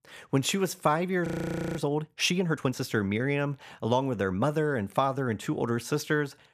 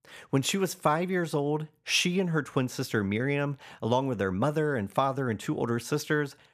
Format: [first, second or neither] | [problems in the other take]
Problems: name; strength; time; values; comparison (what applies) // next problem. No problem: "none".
second | audio freezing; at 1.5 s for 0.5 s